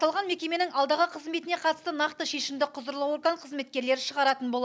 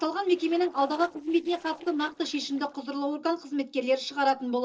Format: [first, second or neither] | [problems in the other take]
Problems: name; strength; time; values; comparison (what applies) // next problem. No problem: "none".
first | noise reduction (neural separator model SepFormer DNS4)